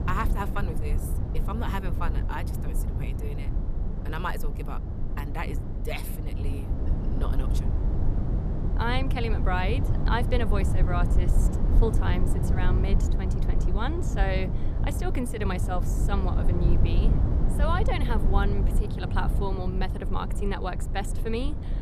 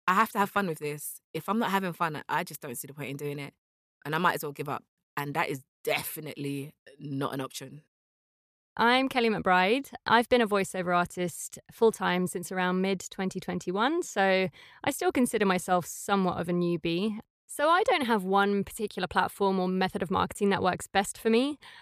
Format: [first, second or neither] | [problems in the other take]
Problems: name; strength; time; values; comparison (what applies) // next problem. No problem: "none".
second | low rumble; loud; throughout; 7 dB below the speech